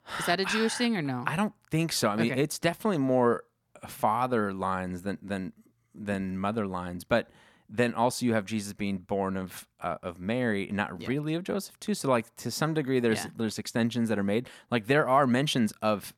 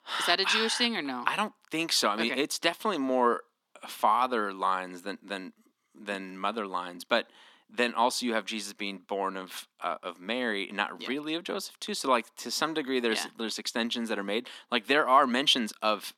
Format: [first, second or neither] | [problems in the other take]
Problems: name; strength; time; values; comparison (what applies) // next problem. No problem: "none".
first | thin; very slightly; fading below 250 Hz